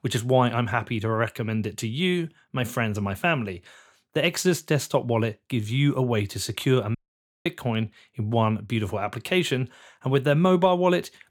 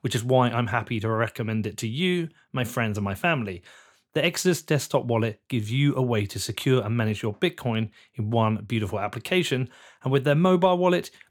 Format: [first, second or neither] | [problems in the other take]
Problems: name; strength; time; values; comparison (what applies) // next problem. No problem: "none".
second | audio cutting out; at 7 s for 0.5 s